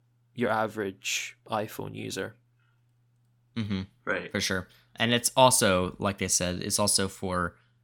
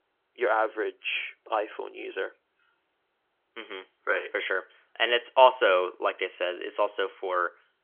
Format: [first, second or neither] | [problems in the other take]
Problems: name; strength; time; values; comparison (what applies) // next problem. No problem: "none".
first | phone-call audio; nothing above 3.5 kHz